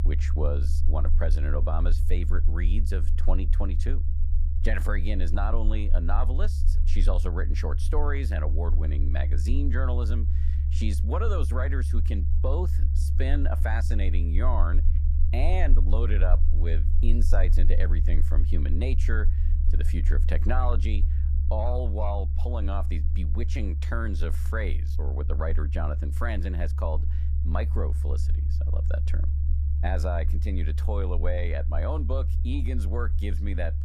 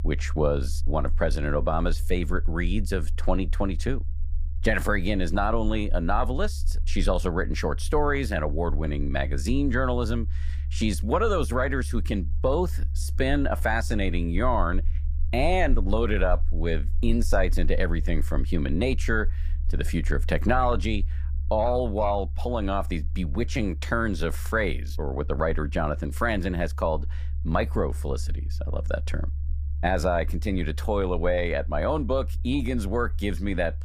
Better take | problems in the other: second | low rumble; loud; throughout; 9 dB below the speech; faint in the second

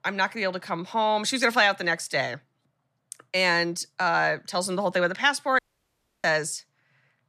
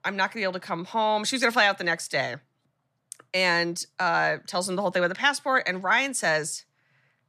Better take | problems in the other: second | audio cutting out; at 5.5 s for 0.5 s

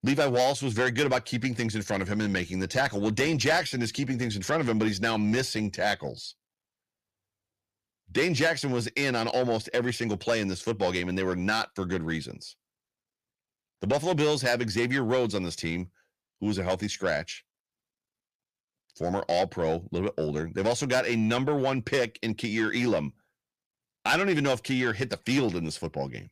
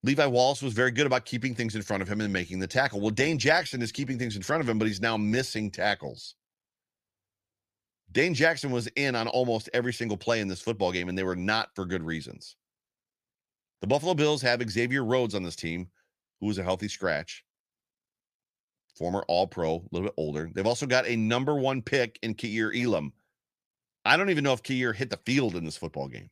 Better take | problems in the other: second | distortion; slight; 10 dB below the speech

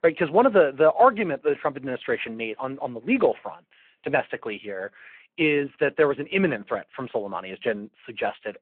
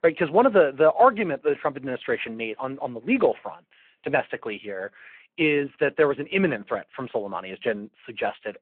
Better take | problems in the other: neither | phone-call audio; the same in both

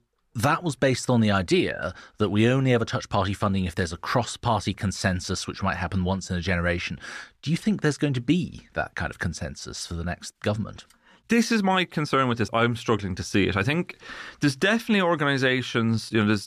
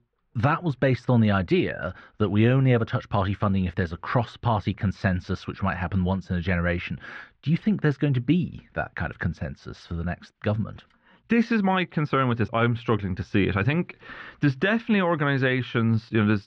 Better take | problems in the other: first | muffled; slightly; fading above 3 kHz

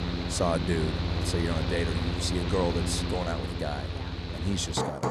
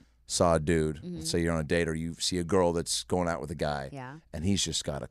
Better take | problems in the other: second | machinery noise; very loud; throughout; 1 dB above the speech

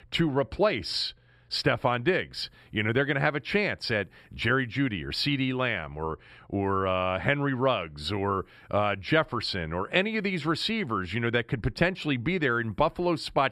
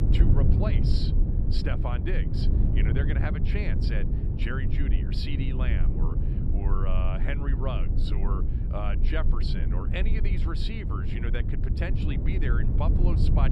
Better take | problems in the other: first | low rumble; loud; throughout; 3 dB below the speech

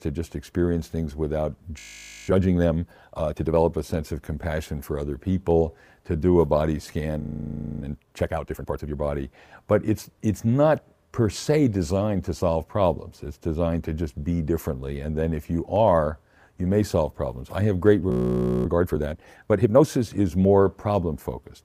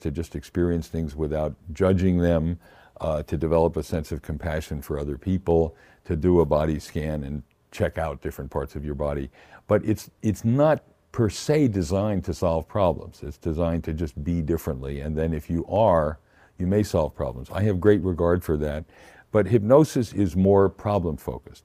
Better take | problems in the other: second | audio freezing; at 2 s, at 7 s for 0.5 s and at 18 s for 0.5 s

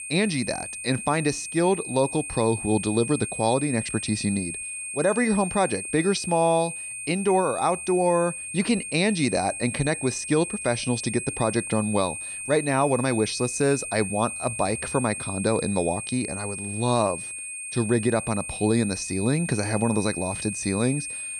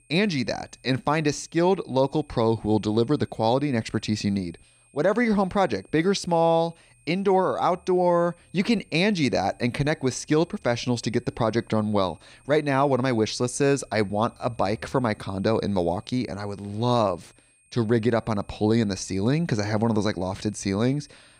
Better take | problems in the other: second | high-pitched whine; loud; throughout; 8.5 kHz, 6 dB below the speech; faint in the second

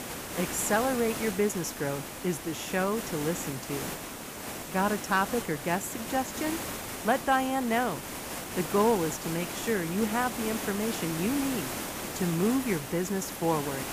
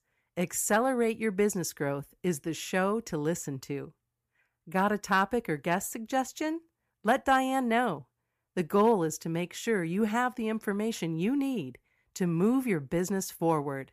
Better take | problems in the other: second | hiss; loud; throughout; 6 dB below the speech

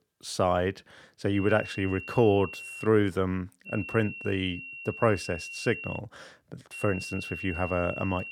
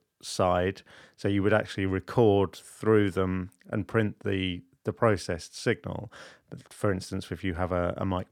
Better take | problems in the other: second | high-pitched whine; loud; from 1.5 to 3 s, from 3.5 to 6 s and from 6.5 s on; 2.5 kHz, 10 dB below the speech

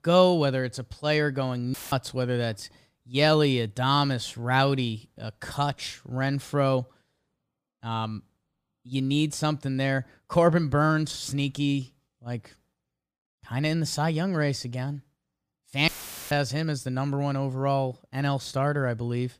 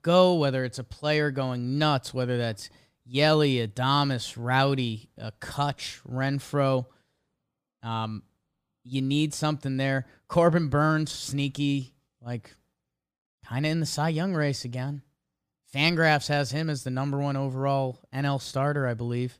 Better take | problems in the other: second | audio cutting out; filled with static; at 1.5 s and at 16 s

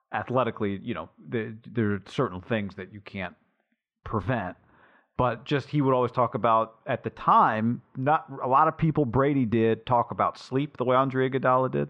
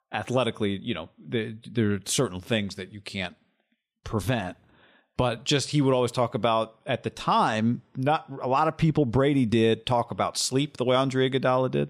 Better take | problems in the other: second | muffled; very; fading above 2 kHz

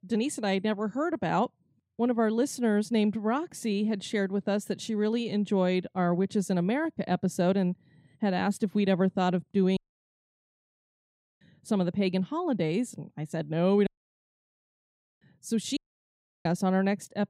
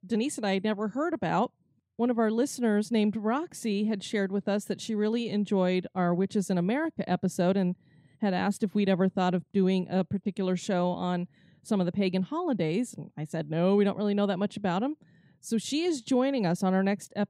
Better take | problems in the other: second | audio cutting out; at 10 s for 1.5 s, at 14 s for 1.5 s and at 16 s for 0.5 s

